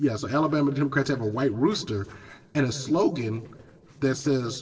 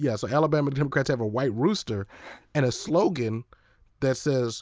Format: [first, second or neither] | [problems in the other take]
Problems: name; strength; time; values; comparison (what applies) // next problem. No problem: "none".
second | noise reduction (neural separator model SepFormer DNS4)